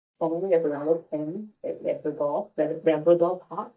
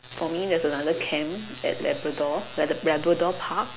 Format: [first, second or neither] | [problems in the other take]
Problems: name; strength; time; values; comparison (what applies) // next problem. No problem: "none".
second | noise reduction (neural mask model DeepFilterNet 3)